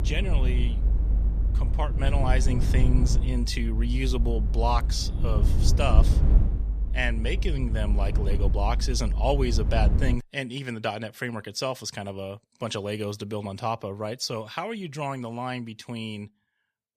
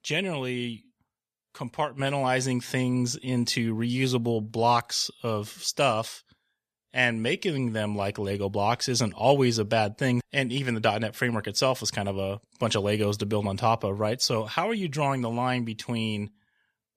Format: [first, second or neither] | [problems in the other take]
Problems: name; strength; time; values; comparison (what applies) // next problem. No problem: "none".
second | low rumble; noticeable; until 10 s; 10 dB below the speech